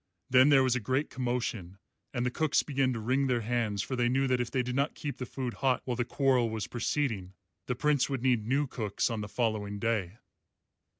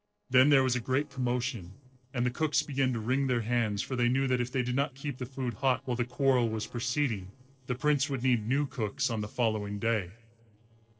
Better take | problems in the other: first | noise reduction (neural separator model SepFormer DNS4)

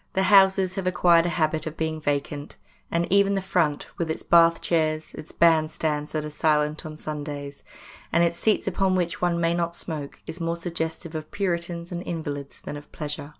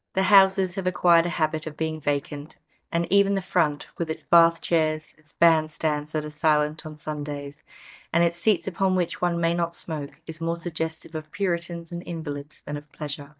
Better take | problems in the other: first | noise reduction (neural mask model DeepFilterNet 3)

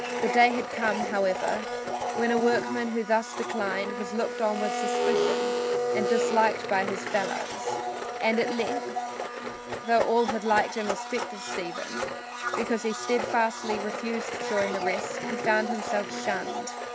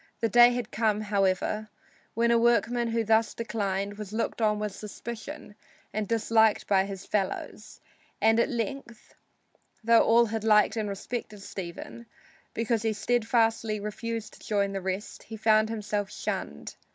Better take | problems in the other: second | background sound (Domestic sounds, home sounds); 2 dB below the speech

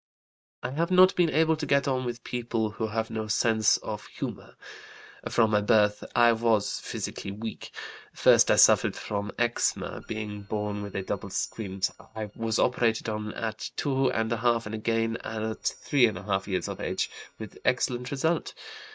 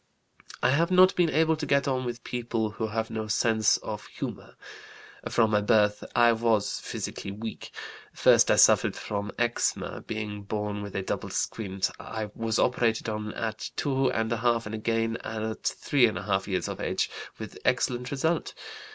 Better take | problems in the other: second | noise reduction (neural mask model DeepFilterNet 3)

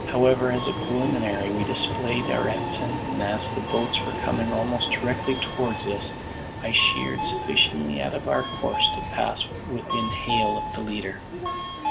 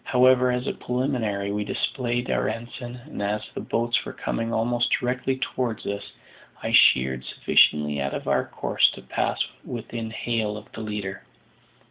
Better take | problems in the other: second | background sound (Subway, metro, underground); 3 dB below the speech

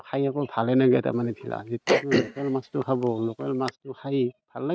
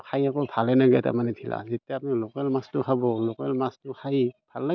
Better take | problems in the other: second | noise reduction (neural mask model RNNoise)

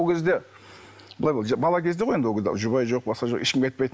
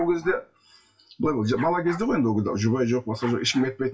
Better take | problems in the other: first | noise reduction (classical method WPE with log-MMSE)

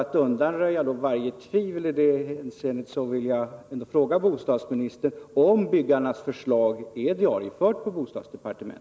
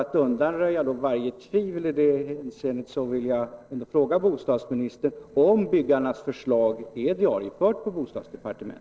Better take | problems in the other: first | noise reduction (neural separator model SepFormer DNS4)

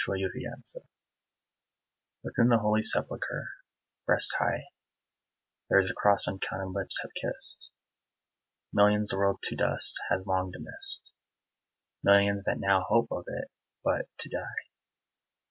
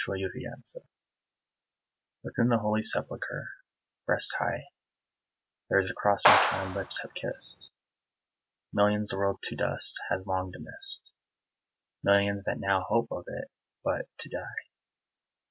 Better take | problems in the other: first | background sound (Clapping); 5 dB above the speech

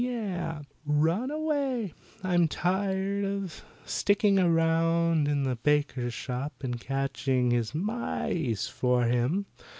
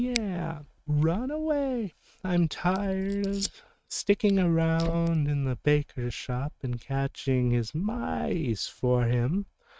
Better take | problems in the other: first | noise reduction (neural mask model RNNoise)

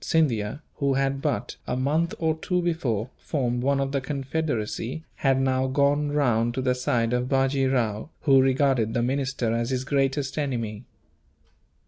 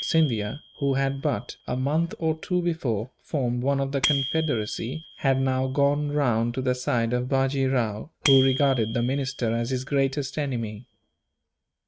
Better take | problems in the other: first | noise reduction (neural mask model RNNoise)

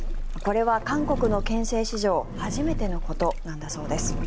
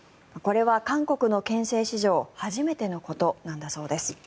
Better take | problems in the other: second | background sound (Engine); 2 dB below the speech

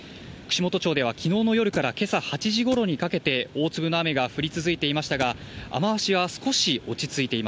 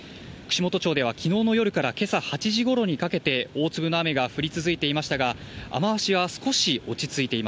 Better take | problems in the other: second | background sound (Thump, thud); 18 dB below the speech

